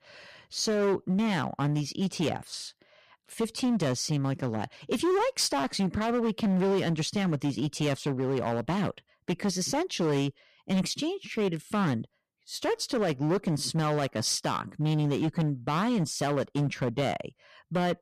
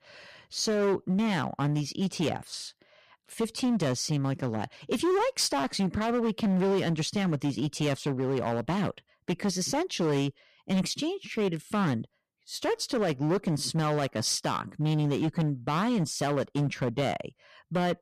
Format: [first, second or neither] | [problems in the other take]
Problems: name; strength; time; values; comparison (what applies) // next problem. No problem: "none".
neither | distortion; slight; 12% of the sound clipped; the same in both